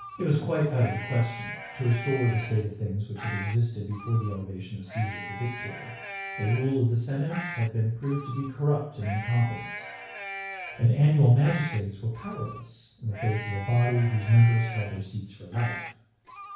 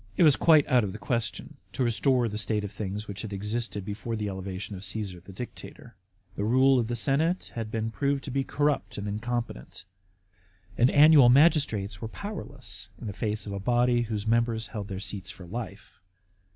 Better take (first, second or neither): second